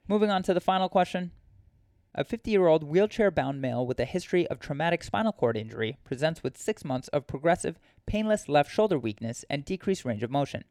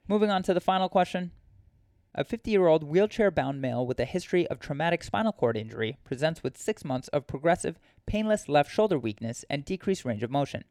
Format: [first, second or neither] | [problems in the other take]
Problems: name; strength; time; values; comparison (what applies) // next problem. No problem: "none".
neither | none